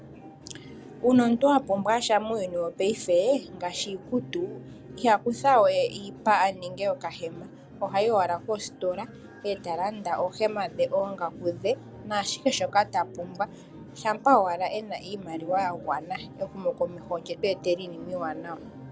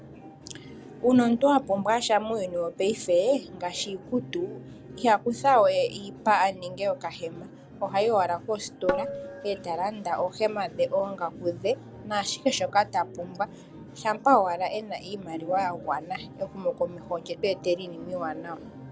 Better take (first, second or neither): first